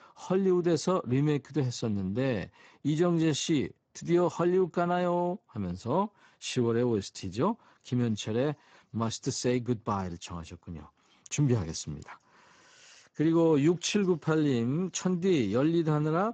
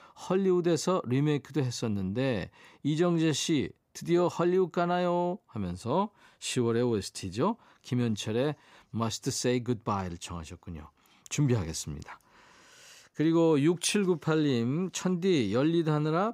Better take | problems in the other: second | garbled, watery; badly; nothing above 7.5 kHz

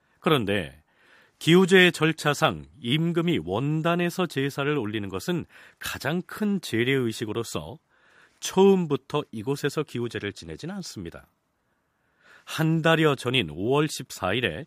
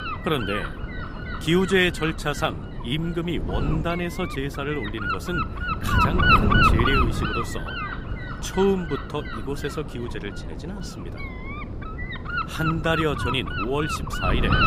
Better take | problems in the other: first | wind noise on the microphone; heavy; 2 dB above the speech

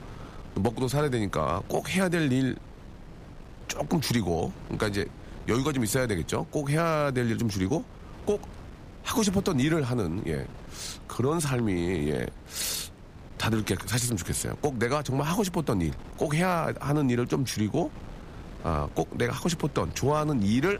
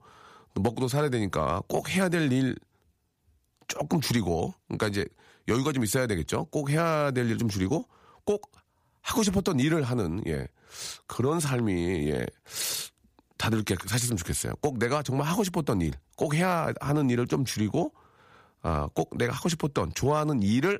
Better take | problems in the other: second | wind noise on the microphone; occasional gusts; 20 dB below the speech

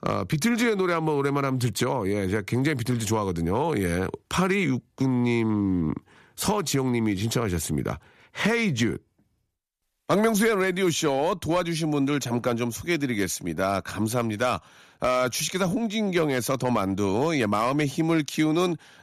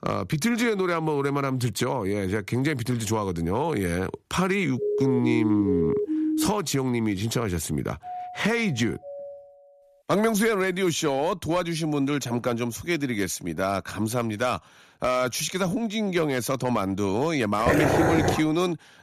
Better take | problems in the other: first | siren; loud; from 5 to 6.5 s; peak level with the speech // doorbell; faint; from 8 to 9.5 s; peak 10 dB below the speech // dog barking; loud; at 18 s; peak 4 dB above the speech

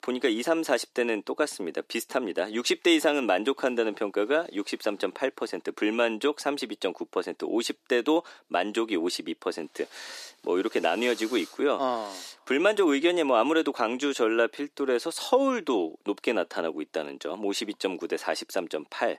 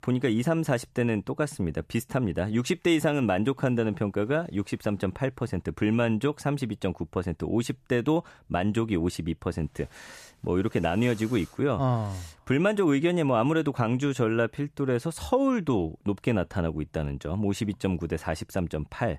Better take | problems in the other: second | thin; somewhat; fading below 300 Hz

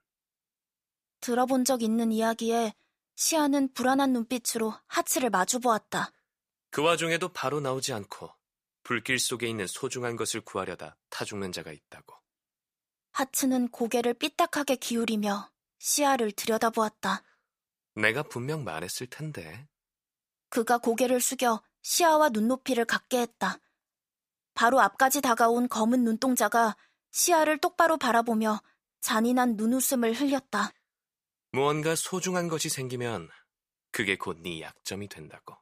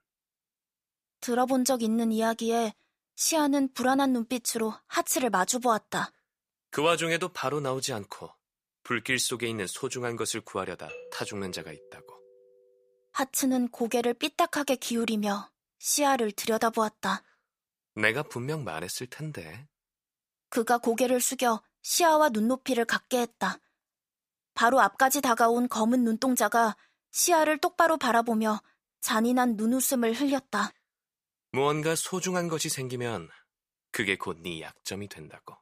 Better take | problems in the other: first | doorbell; faint; from 11 to 12 s; peak 15 dB below the speech

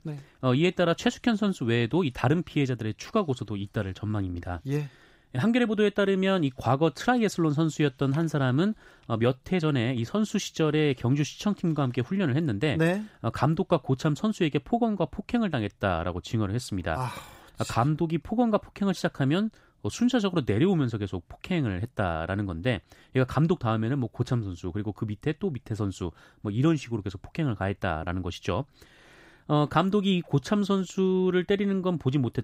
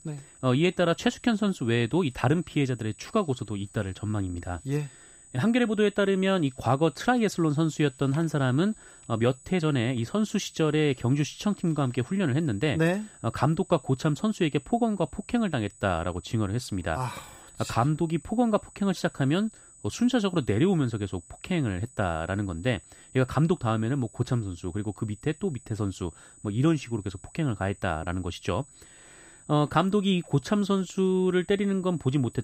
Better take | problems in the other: first | high-pitched whine; faint; throughout; 8 kHz, 25 dB below the speech

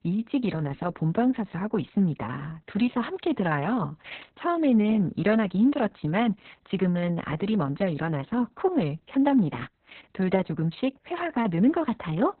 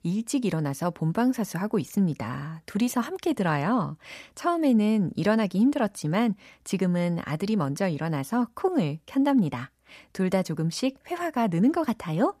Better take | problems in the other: second | garbled, watery; badly; nothing above 4 kHz

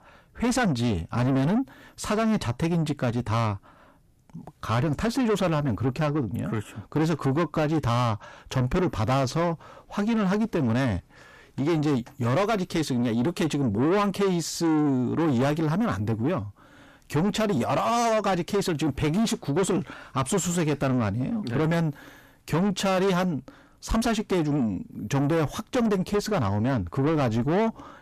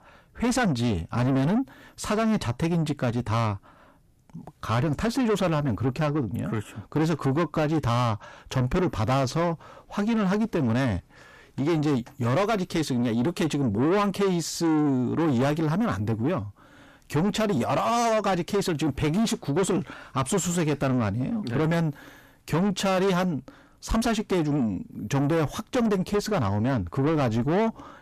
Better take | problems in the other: neither | distortion; heavy; 7 dB below the speech; the same in both

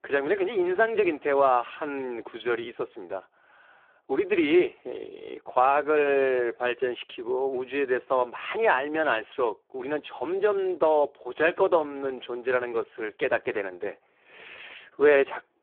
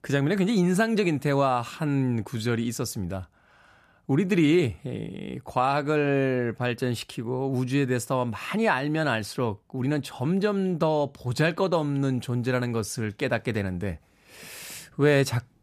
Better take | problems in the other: second | phone-call audio; poor line

